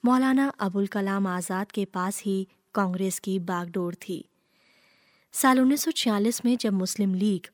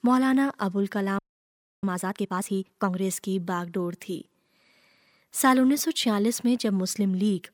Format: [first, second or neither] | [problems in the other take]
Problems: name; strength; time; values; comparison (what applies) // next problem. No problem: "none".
first | audio freezing; at 1 s for 0.5 s